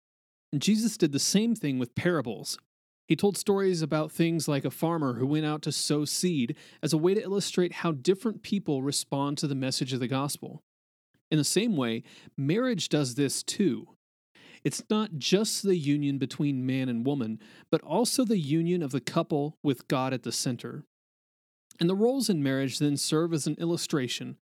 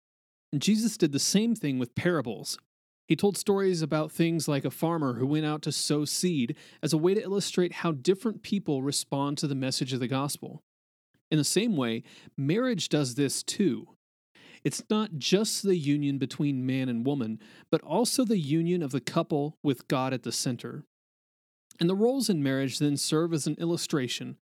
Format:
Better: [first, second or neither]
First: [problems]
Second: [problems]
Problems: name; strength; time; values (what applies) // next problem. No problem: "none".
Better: neither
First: none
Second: none